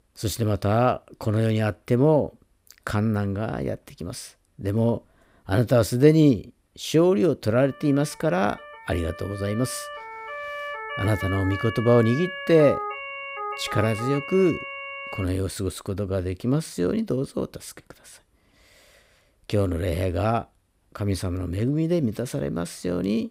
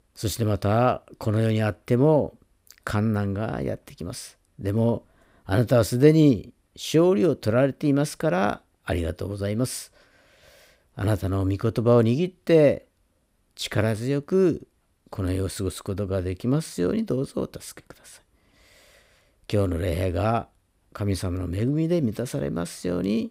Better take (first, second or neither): second